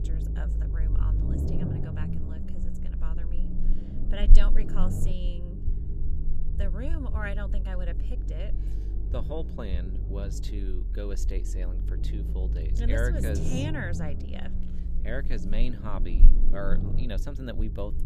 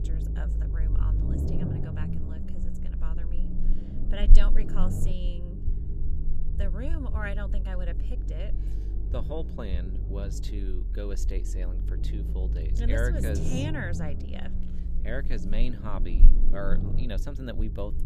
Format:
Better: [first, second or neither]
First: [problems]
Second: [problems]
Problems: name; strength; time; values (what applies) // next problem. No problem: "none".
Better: neither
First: low rumble; loud; throughout; 6 dB below the speech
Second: low rumble; loud; throughout; 6 dB below the speech